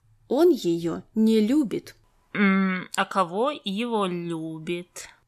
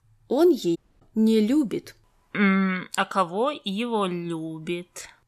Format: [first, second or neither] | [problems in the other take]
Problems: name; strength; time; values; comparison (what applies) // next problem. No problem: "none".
first | audio cutting out; at 1 s